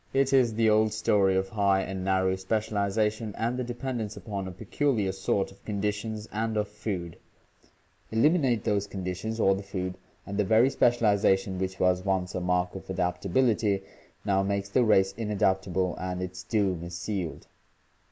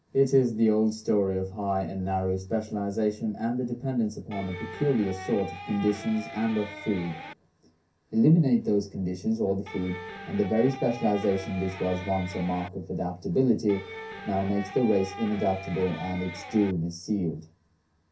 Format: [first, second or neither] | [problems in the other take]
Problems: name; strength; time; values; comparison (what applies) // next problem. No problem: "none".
first | background sound (Electric guitar); 13 dB below the speech // room echo; dies away in 0.3 s